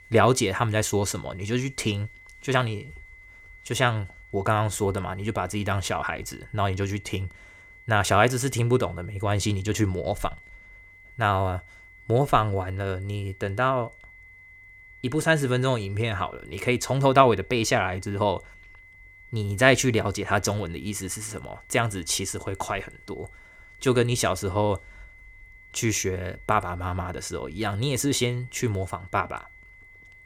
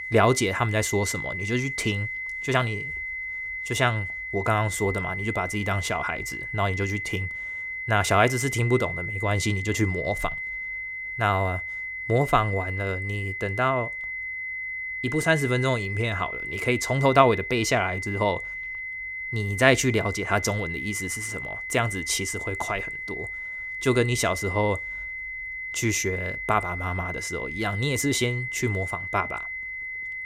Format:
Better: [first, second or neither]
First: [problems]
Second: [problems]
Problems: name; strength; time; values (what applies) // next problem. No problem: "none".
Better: first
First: high-pitched whine; faint; throughout; 2 kHz, 25 dB below the speech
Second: high-pitched whine; loud; throughout; 2 kHz, 5 dB below the speech